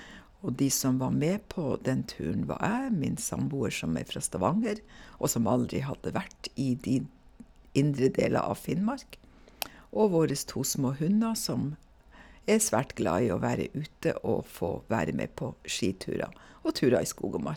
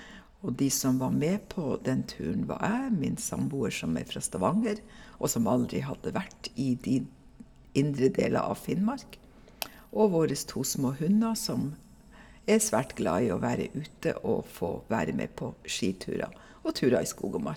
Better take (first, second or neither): first